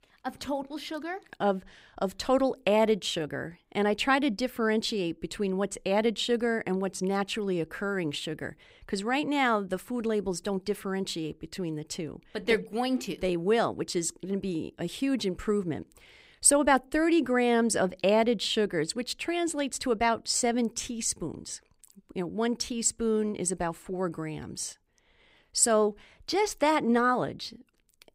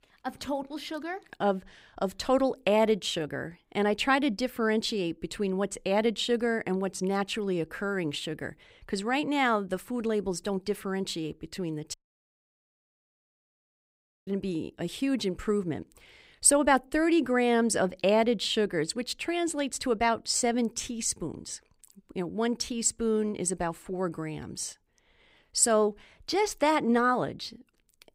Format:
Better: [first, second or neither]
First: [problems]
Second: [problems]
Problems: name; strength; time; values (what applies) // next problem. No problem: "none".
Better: first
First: none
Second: audio cutting out; at 12 s for 2.5 s